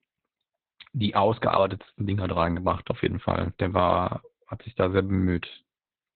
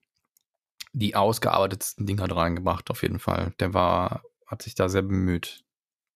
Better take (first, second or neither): second